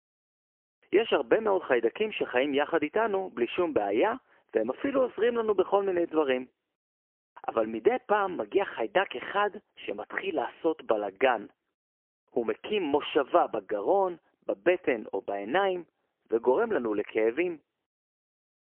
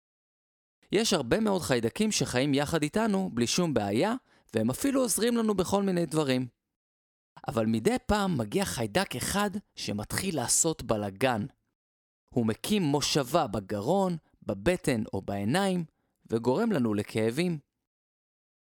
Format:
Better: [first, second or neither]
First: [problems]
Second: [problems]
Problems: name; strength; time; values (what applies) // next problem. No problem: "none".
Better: second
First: phone-call audio; poor line; nothing above 3 kHz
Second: none